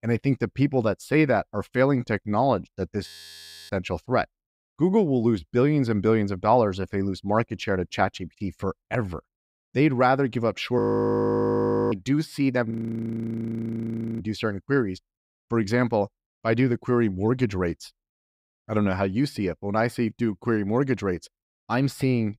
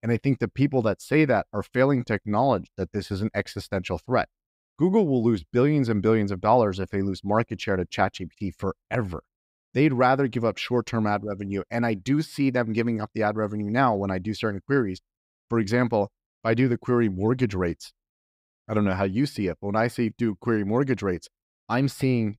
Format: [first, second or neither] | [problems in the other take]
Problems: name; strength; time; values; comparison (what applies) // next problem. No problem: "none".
second | audio freezing; at 3 s for 0.5 s, at 11 s for 1 s and at 13 s for 1.5 s